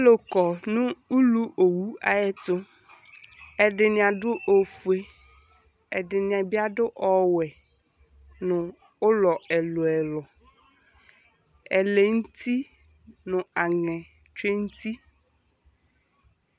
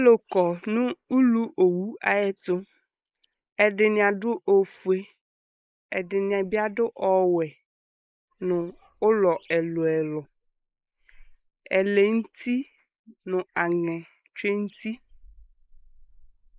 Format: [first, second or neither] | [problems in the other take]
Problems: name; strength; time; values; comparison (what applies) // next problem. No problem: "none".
first | noise reduction (neural mask model Resemble Enhance denoiser)